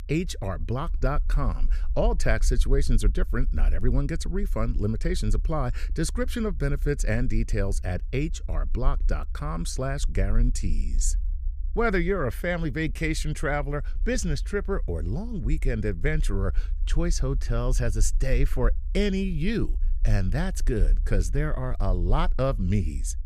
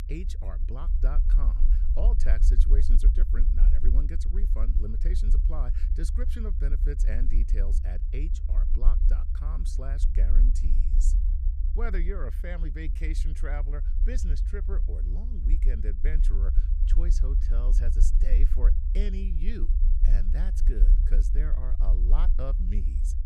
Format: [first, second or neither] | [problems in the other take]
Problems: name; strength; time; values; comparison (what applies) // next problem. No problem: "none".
first | low rumble; loud; throughout; 6 dB below the speech; faint in the first